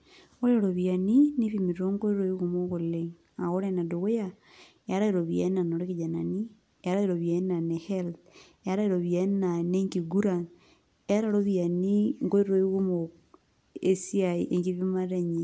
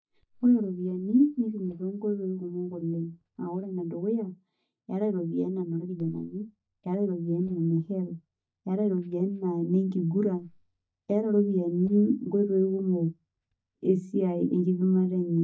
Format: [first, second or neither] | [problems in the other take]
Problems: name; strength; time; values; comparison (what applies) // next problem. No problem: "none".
first | noise reduction (neural mask model DeepFilterNet 3)